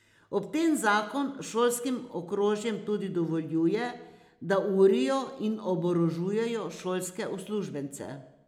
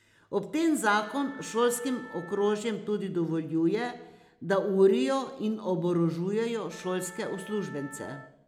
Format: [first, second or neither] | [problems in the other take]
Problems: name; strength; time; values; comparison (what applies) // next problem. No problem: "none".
first | background sound (Wind instrument, woodwind instrument); 20 dB below the speech